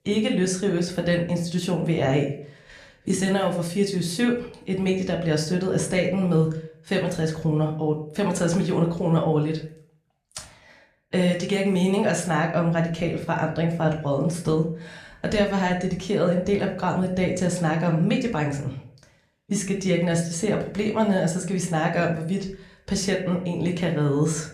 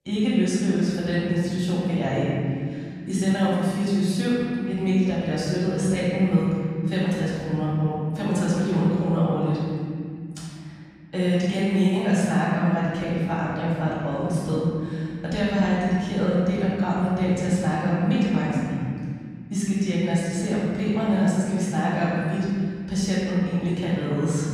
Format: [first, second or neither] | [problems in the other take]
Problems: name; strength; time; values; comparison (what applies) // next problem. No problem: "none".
first | room echo; strong; dies away in 2.5 s; slight in the first // off-mic speech; far; somewhat distant in the first